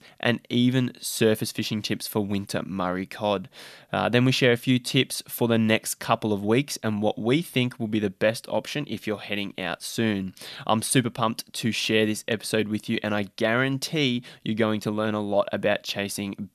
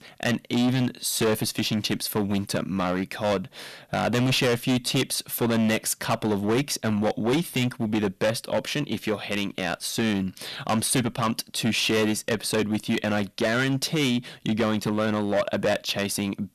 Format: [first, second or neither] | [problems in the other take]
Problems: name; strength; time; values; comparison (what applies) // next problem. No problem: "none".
first | distortion; heavy; 13% of the sound clipped